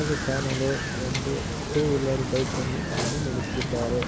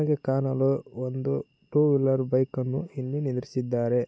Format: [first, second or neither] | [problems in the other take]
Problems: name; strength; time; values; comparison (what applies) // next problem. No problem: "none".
second | background sound (Wind / Boat, Water vehicle); 1 dB below the speech